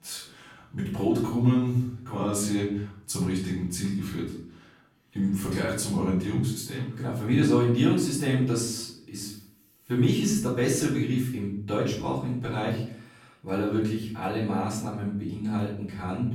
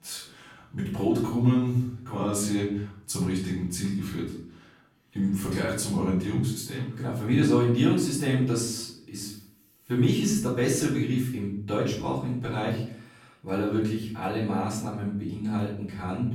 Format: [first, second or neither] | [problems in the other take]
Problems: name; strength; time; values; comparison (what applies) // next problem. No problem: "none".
neither | off-mic speech; far; the same in both // room echo; noticeable; dies away in 0.5 s; the same in both